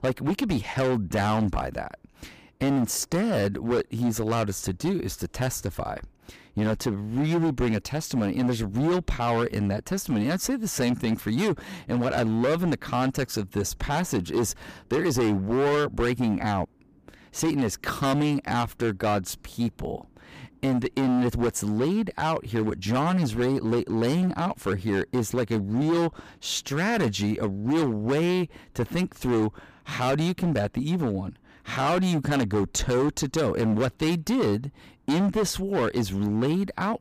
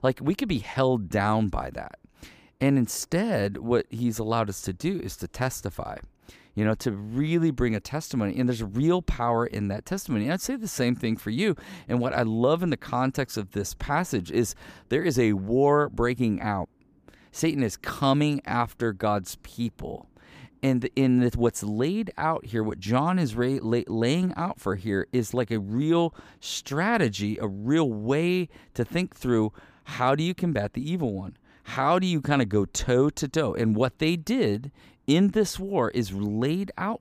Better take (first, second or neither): second